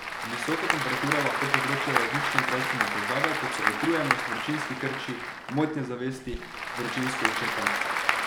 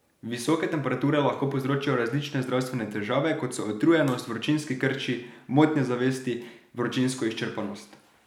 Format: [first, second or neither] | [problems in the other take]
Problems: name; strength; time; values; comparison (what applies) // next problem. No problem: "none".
second | background sound (Applause / Crowd); 3 dB above the speech